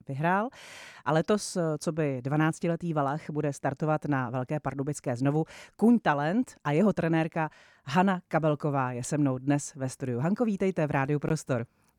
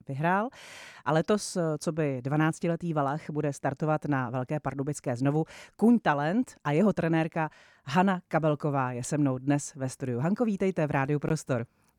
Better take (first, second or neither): neither